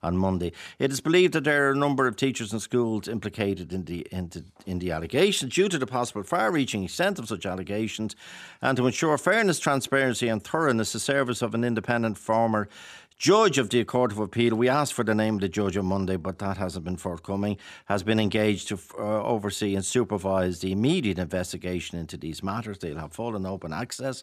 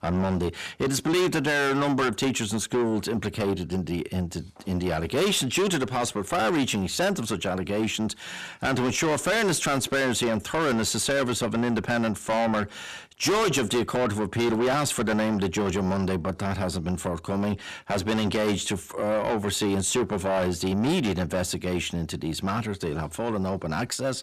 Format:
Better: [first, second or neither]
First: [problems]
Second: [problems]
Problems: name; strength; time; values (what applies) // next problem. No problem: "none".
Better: first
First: none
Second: distortion; heavy; 6 dB below the speech